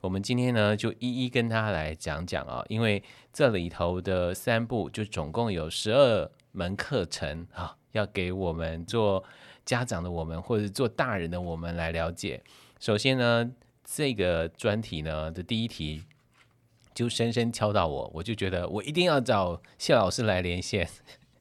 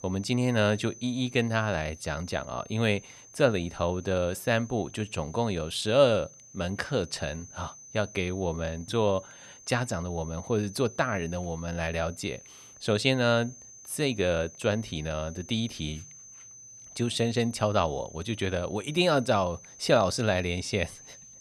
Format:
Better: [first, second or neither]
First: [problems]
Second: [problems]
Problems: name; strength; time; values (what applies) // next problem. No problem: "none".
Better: first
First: none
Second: high-pitched whine; noticeable; throughout; 6 kHz, 20 dB below the speech